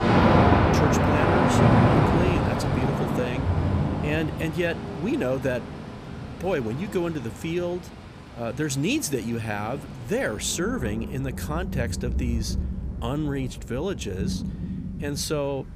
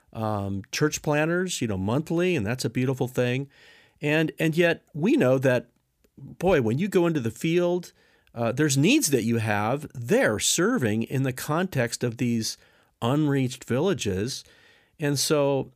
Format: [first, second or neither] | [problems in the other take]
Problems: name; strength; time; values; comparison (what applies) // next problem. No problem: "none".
second | rain or running water; very loud; throughout; 5 dB above the speech